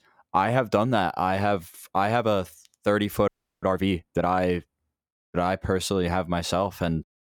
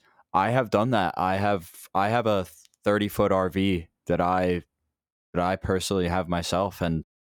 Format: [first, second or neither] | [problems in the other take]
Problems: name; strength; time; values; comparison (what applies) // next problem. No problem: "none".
second | audio freezing; at 3.5 s